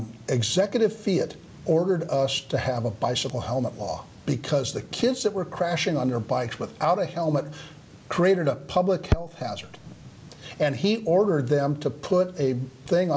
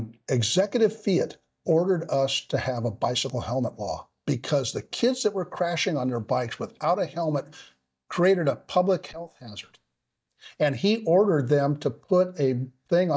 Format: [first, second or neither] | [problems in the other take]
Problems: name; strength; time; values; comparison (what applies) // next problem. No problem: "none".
first | noise reduction (neural mask model DeepFilterNet 3)